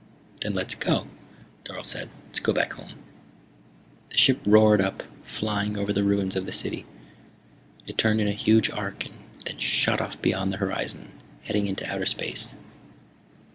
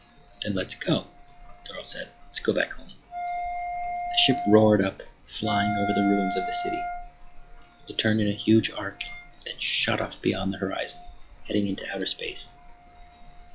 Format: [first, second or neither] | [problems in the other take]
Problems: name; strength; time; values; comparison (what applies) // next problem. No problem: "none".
first | noise reduction (classical method log-MMSE)